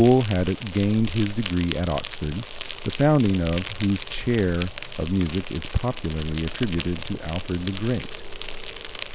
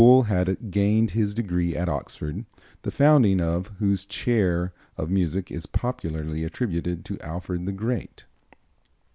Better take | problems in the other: second | background sound (Insect); 9 dB below the speech

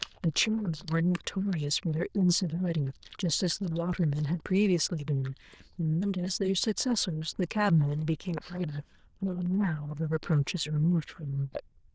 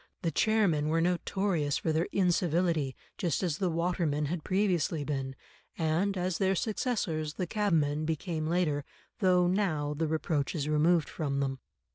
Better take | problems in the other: second | noise reduction (neural diffusion model UNIVERSE++)

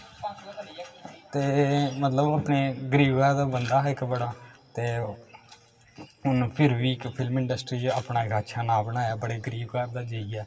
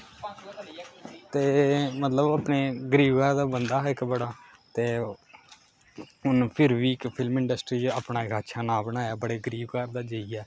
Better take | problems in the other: second | room echo; dies away in 1.5 s

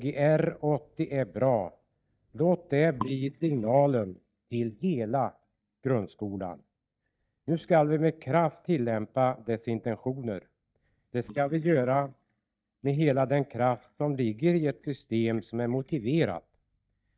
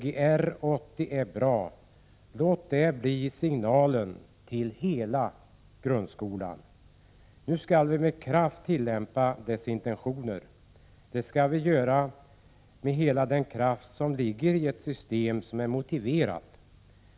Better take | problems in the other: second | noise reduction (neural mask model DeepFilterNet 3)

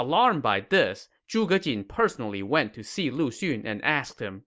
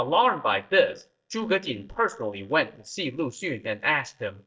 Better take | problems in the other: first | noise reduction (neural mask model DeepFilterNet 3)

